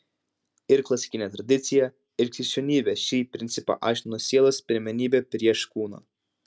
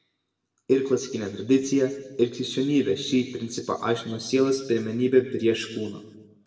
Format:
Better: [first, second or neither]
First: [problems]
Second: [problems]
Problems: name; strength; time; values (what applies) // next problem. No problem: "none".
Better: first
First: none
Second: room echo; dies away in 1.1 s